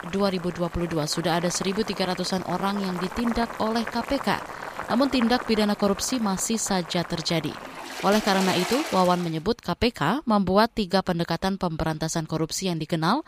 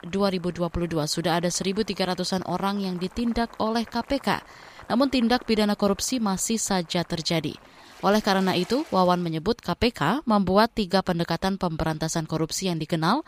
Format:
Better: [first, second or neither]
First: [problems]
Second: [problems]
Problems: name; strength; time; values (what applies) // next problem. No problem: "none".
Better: second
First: household noises; loud; until 9 s; 10 dB below the speech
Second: household noises; faint; until 9 s; 25 dB below the speech